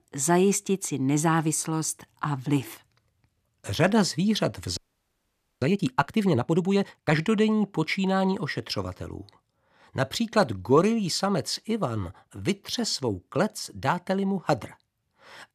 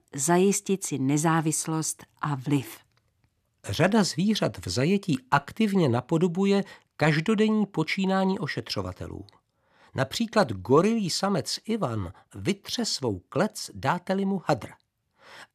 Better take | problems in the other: second | audio freezing; at 5 s for 1 s

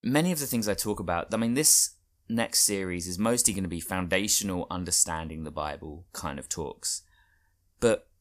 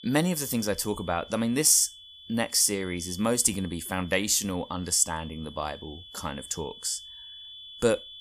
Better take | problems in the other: first | high-pitched whine; noticeable; throughout; 3.5 kHz, 20 dB below the speech

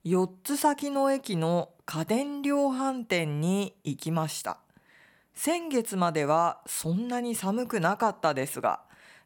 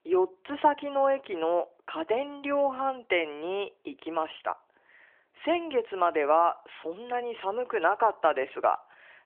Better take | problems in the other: first | phone-call audio

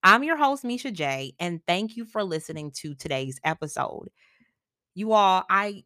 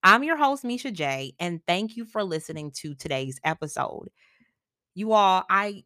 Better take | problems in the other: neither | none

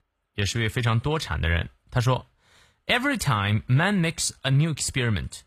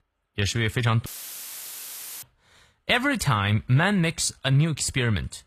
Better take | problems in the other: first | audio cutting out; filled with static; at 1 s for 1 s

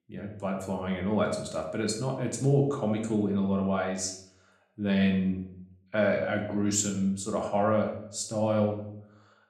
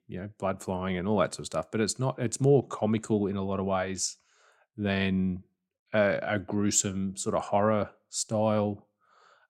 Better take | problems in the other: second | room echo; slight; dies away in 0.5 s // off-mic speech; somewhat distant

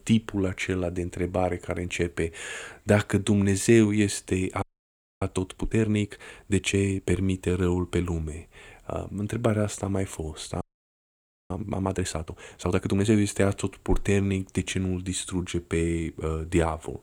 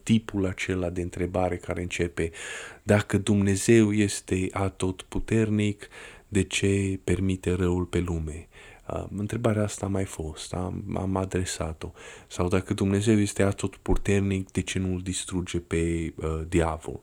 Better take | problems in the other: second | audio freezing; at 4.5 s for 0.5 s and at 11 s for 1 s

